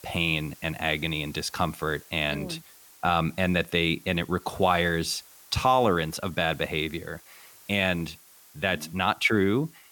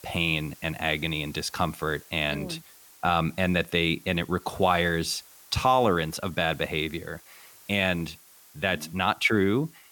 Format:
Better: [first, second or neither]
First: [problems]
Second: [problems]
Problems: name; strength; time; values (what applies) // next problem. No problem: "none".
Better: neither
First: hiss; faint; throughout; 25 dB below the speech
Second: hiss; faint; throughout; 25 dB below the speech